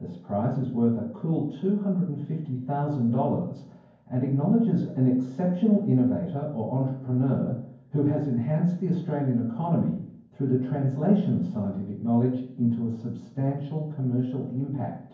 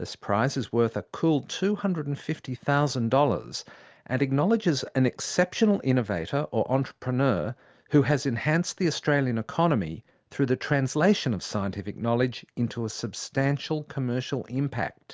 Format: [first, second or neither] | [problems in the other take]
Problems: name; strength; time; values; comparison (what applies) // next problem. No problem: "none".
second | room echo; dies away in 0.9 s